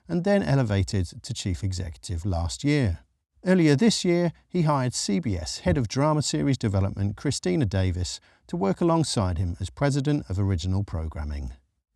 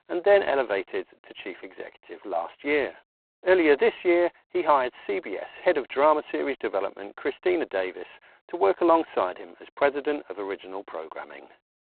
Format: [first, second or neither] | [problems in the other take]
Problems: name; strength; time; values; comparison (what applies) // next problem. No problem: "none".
first | phone-call audio; poor line; nothing above 4 kHz